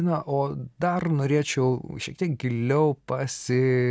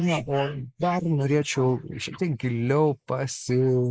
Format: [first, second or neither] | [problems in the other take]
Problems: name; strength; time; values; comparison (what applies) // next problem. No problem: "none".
first | noise reduction (neural mask model Resemble Enhance denoiser)